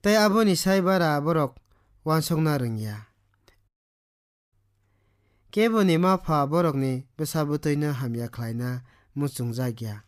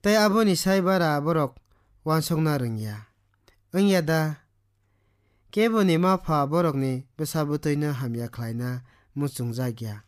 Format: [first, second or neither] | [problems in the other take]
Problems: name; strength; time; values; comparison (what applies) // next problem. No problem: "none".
second | audio cutting out; at 3.5 s for 1 s